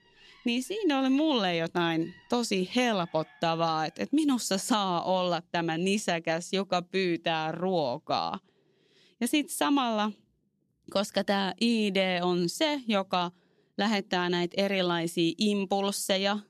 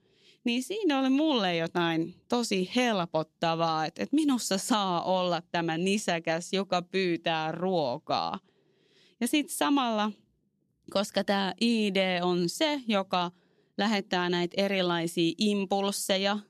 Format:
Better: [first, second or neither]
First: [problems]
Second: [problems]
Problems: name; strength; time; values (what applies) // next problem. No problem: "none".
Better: second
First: animal sounds; faint; until 4 s; 30 dB below the speech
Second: none